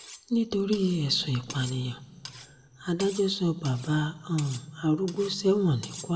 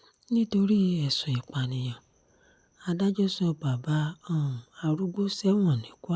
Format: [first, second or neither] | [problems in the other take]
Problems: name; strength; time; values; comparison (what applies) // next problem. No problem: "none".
second | background sound (Cutlery, silverware); 19 dB below the speech // room echo; dies away in 1.7 s